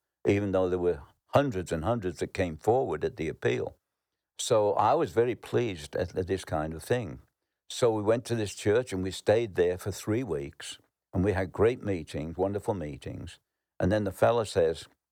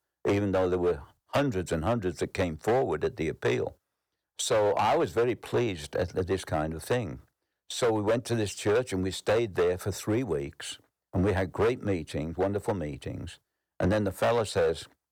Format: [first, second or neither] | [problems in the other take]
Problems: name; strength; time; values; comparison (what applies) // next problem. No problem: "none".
first | distortion; slight; 7% of the sound clipped